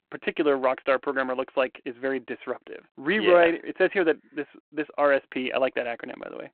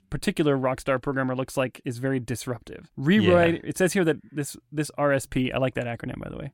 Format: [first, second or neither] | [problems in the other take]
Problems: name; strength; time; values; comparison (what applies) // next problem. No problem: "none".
second | phone-call audio